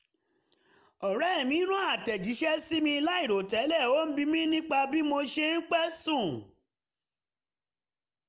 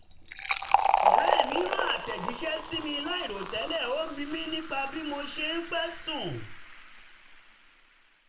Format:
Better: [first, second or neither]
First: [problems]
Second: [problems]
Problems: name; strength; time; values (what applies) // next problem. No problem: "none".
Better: first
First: none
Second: background sound (Fill (with liquid)); 3 dB above the speech // room echo; dies away in 0.3 s